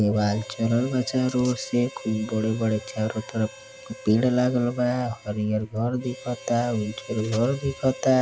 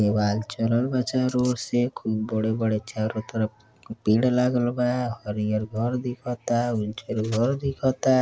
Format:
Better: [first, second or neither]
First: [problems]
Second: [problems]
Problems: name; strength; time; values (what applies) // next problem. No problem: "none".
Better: second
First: background sound (Harmonica); 18 dB below the speech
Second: none